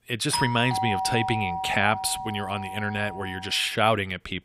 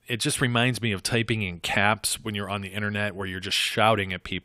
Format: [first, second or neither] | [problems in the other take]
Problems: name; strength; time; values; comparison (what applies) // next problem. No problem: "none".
second | doorbell; noticeable; until 3.5 s; peak 2 dB below the speech